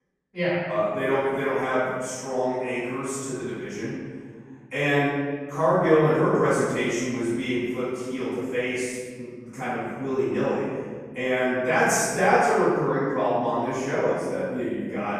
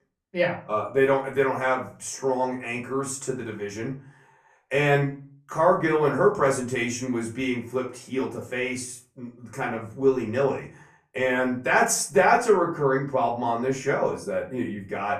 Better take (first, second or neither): second